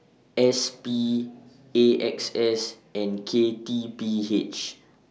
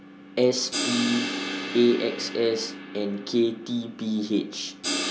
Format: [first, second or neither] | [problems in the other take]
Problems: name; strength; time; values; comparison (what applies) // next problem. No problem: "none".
first | background sound (Crash cymbal); 7 dB below the speech